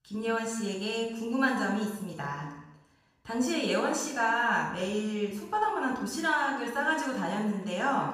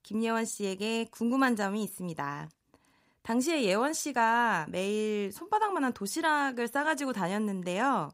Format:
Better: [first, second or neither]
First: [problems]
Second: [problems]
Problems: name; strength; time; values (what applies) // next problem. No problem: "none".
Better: second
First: room echo; noticeable; dies away in 0.9 s // off-mic speech; far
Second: none